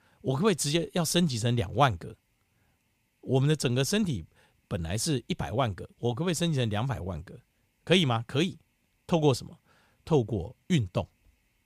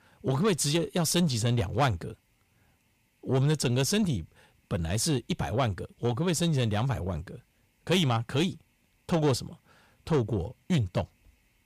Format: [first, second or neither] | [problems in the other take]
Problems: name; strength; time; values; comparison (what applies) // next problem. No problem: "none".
first | distortion; slight; 10 dB below the speech